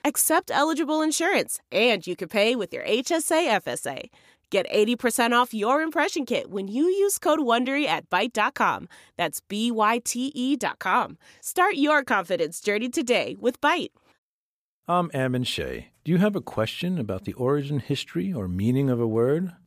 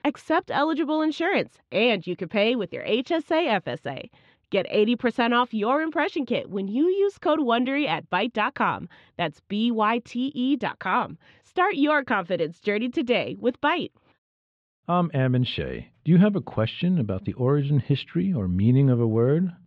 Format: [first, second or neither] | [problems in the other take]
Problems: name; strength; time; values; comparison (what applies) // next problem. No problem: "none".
first | muffled; slightly; fading above 3.5 kHz